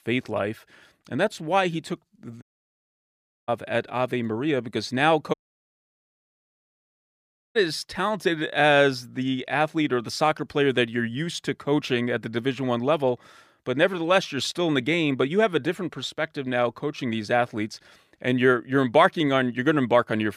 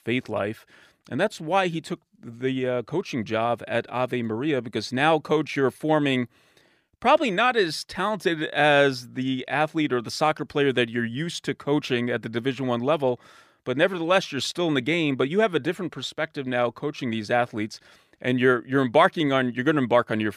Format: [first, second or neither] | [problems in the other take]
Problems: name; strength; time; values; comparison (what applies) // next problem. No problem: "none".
second | audio cutting out; at 2.5 s for 1 s and at 5.5 s for 2 s